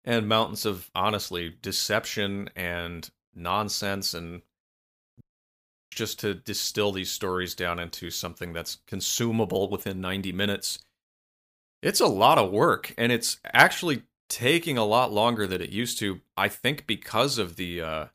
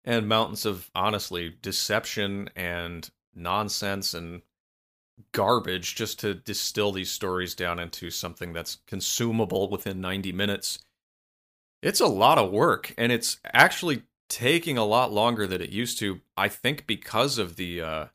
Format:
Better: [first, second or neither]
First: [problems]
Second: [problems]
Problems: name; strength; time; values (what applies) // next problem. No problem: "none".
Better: second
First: audio cutting out; at 5 s for 0.5 s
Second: none